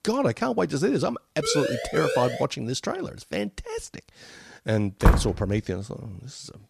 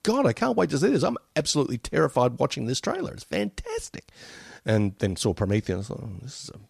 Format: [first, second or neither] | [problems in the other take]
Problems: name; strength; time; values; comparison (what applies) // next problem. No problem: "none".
second | siren; noticeable; from 1.5 to 2.5 s; peak level with the speech // door banging; loud; at 5 s; peak 5 dB above the speech